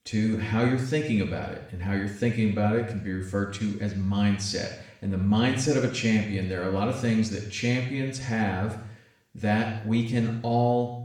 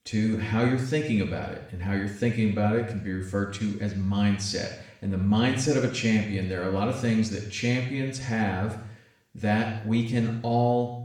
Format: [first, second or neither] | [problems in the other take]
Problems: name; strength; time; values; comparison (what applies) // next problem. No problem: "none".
neither | room echo; noticeable; dies away in 0.7 s; the same in both // off-mic speech; far; the same in both